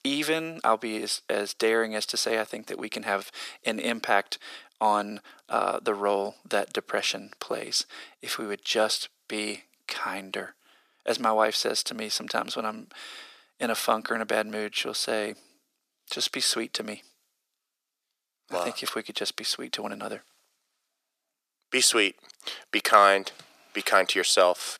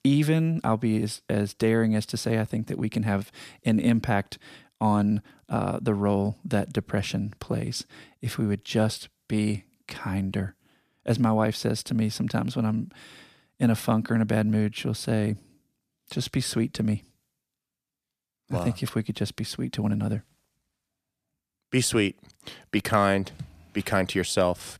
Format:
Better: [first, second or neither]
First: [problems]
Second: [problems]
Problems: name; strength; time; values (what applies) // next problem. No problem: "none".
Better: second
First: thin; very; fading below 400 Hz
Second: none